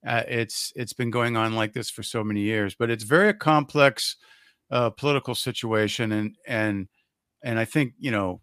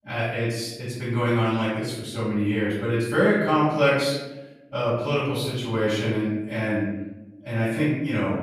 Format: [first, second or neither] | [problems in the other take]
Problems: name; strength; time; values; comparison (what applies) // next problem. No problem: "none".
first | off-mic speech; far // room echo; noticeable; dies away in 1 s